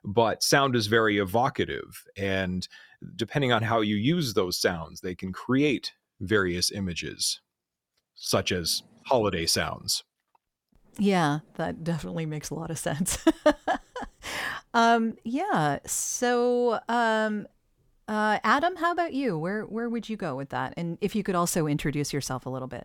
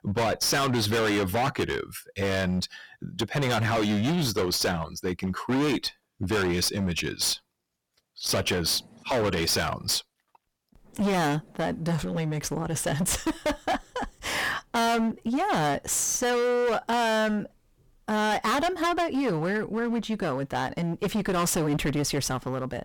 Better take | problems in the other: first | distortion; heavy; 22% of the sound clipped

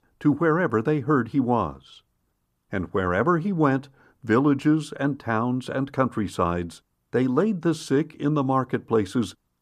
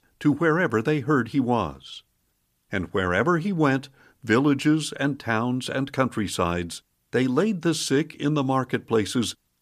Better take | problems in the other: second | muffled; slightly; fading above 1.5 kHz

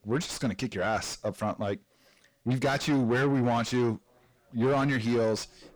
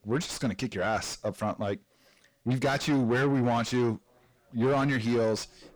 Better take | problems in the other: neither | distortion; heavy; 6 dB below the speech; the same in both

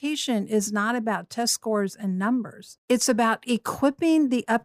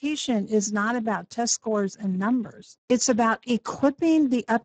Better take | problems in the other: first | garbled, watery; badly; nothing above 7.5 kHz

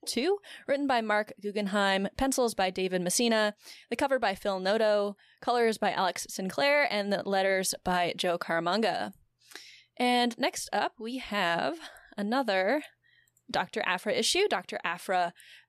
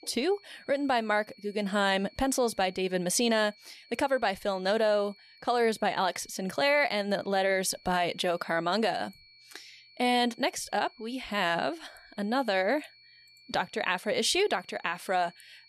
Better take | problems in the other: first | high-pitched whine; faint; throughout; 4.5 kHz, 25 dB below the speech

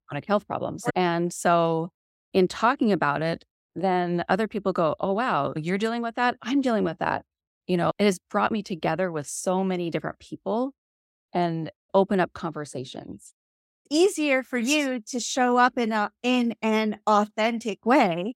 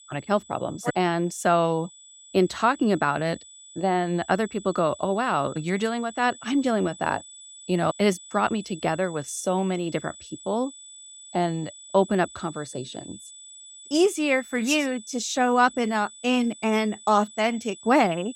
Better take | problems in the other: first | high-pitched whine; noticeable; throughout; 8 kHz, 20 dB below the speech

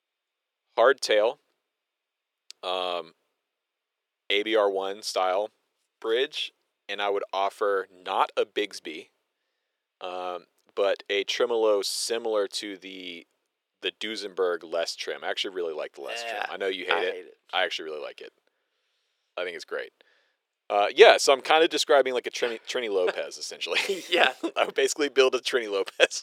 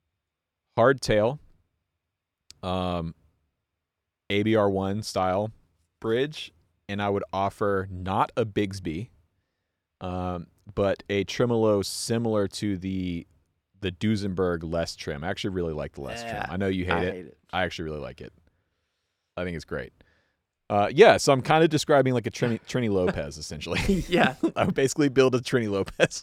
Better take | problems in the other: second | thin; very; fading below 400 Hz

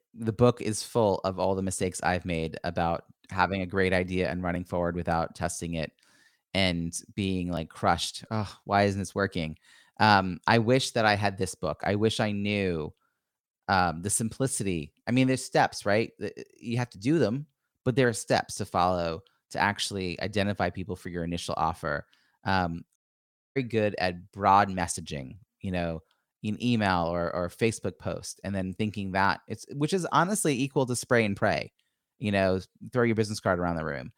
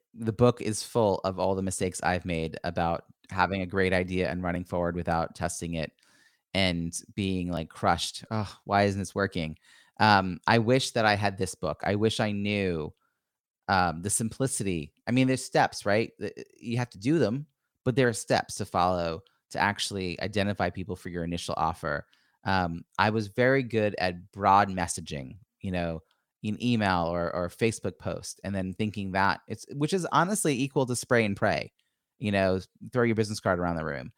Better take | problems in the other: second | audio cutting out; at 23 s for 0.5 s

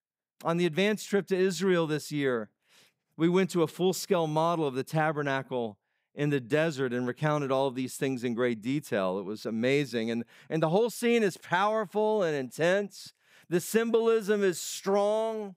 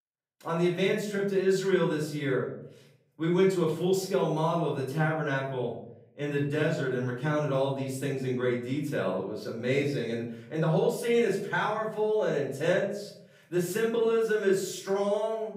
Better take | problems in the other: first | off-mic speech; far // room echo; noticeable; dies away in 0.6 s

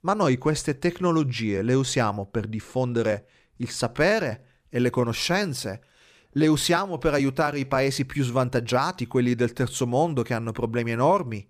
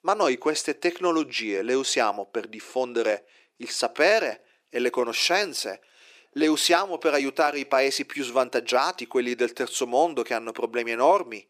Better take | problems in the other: first | thin; somewhat; fading below 350 Hz

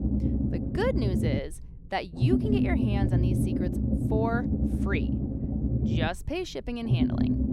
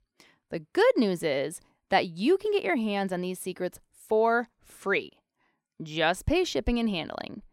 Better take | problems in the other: second | low rumble; loud; throughout; 1 dB below the speech

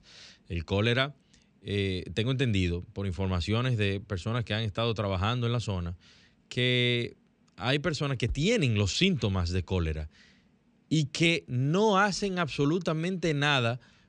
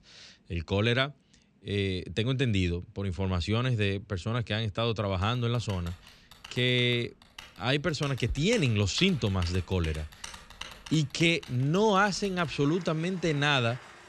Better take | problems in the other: first | household noises; noticeable; from 5.5 s on; 20 dB below the speech

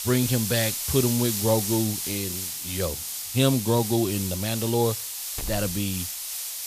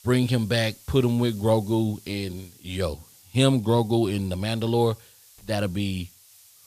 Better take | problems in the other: second | hiss; loud; throughout; 3 dB below the speech; faint in the second

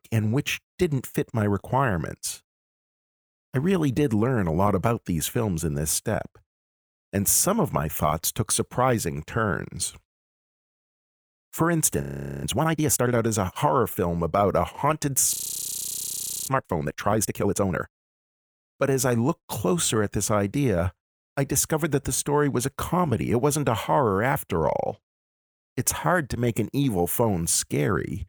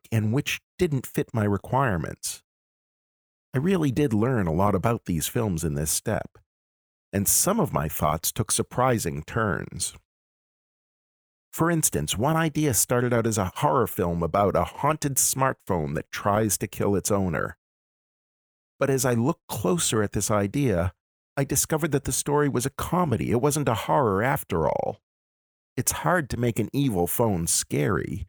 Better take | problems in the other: second | audio freezing; at 12 s and at 15 s for 1 s

